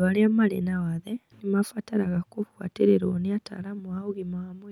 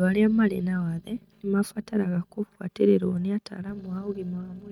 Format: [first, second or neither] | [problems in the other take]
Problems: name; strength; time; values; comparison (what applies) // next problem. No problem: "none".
first | noise reduction (neural mask model RNNoise)